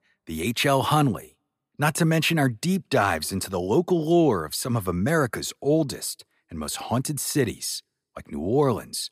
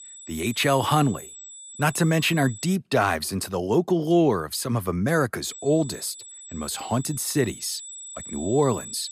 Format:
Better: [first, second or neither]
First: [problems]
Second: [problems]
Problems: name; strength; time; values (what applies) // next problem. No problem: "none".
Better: first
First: none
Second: high-pitched whine; noticeable; until 3 s and from 5.5 s on; 8 kHz, 15 dB below the speech